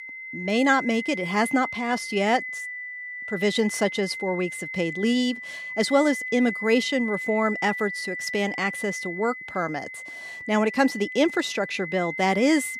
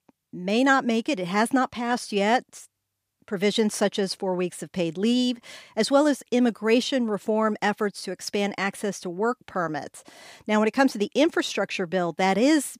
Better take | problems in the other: second | high-pitched whine; loud; throughout; 2 kHz, 7 dB below the speech

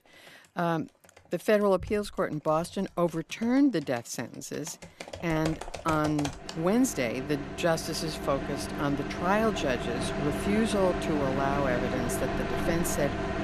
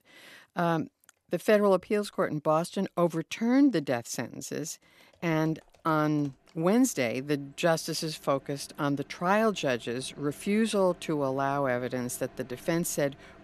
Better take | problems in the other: second | household noises; loud; throughout; 5 dB below the speech; faint in the second

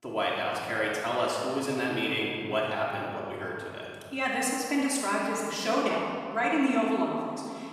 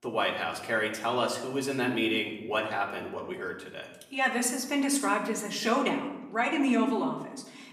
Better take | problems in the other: second | room echo; strong; dies away in 2.7 s; slight in the second // off-mic speech; far; far in the second

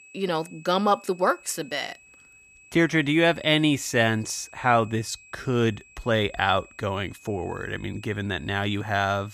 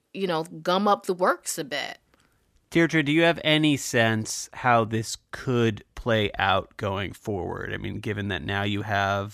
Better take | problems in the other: second | high-pitched whine; faint; throughout; 2.5 kHz, 25 dB below the speech

